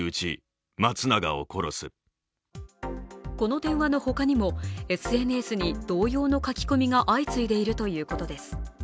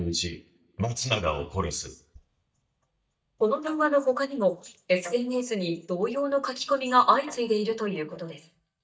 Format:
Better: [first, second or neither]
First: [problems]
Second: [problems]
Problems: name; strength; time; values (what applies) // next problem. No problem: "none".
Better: first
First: none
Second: noise reduction (neural mask model DeepFilterNet 3)